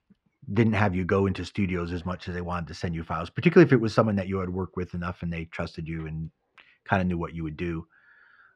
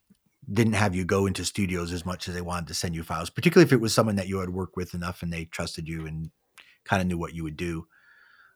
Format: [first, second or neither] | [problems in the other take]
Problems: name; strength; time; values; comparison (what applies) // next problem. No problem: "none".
second | muffled; slightly; fading above 2.5 kHz